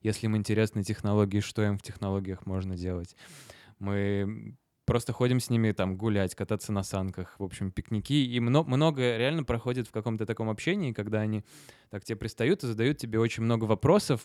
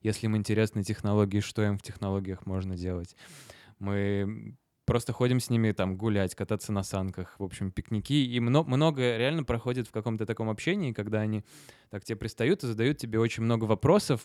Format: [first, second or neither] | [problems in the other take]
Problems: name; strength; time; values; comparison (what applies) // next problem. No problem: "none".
neither | none